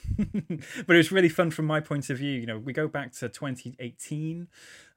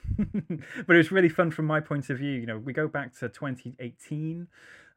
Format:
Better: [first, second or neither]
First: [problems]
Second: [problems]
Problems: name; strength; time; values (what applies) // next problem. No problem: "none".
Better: first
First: none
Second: muffled; slightly; fading above 3 kHz